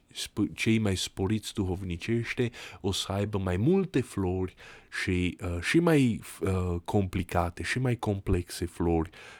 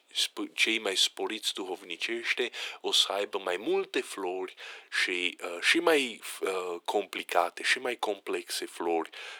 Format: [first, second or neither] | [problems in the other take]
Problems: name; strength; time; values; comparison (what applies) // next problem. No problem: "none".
first | thin; very; fading below 400 Hz